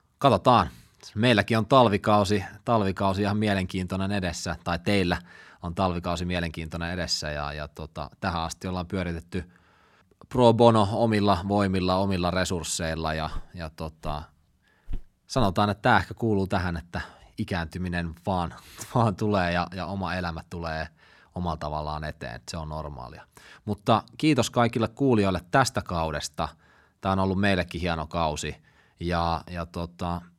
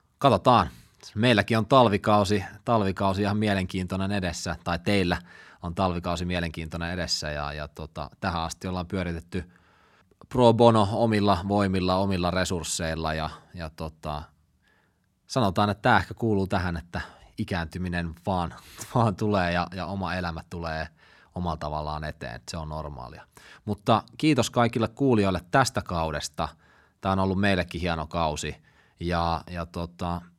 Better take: second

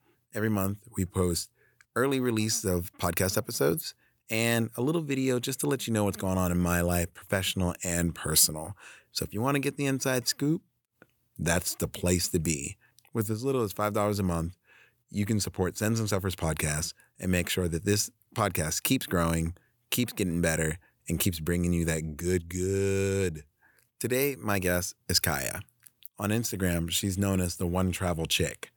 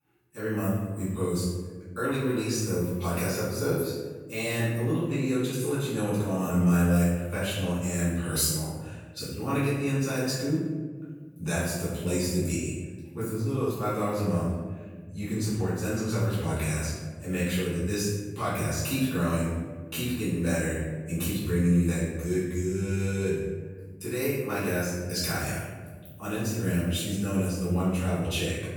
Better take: first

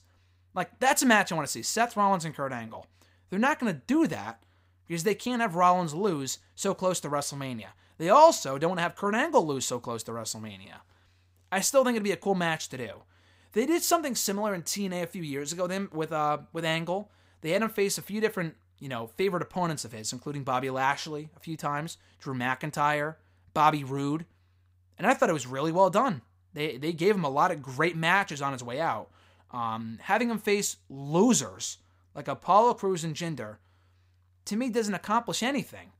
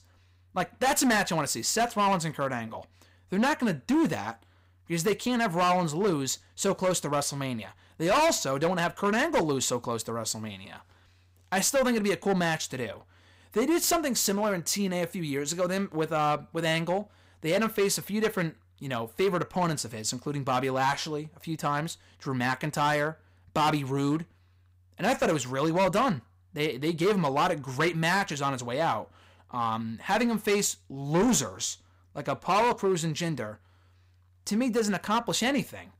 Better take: first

